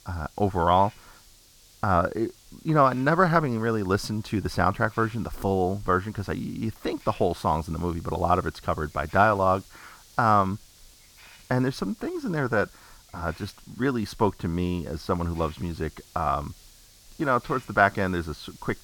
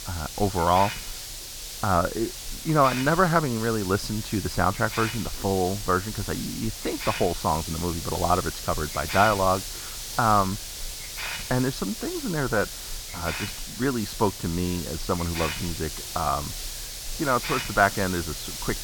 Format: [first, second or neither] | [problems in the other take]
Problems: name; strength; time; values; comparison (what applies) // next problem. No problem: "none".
first | hiss; loud; throughout; 7 dB below the speech; faint in the first